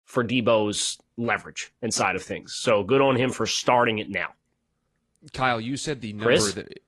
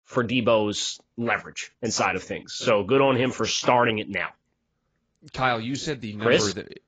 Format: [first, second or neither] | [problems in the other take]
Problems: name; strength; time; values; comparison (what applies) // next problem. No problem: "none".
first | garbled, watery; badly; nothing above 7.5 kHz; slightly in the first